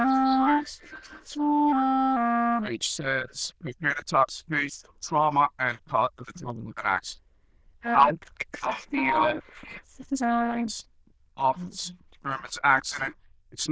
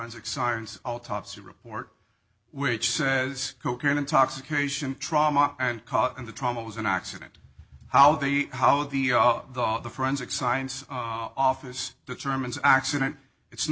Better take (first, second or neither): second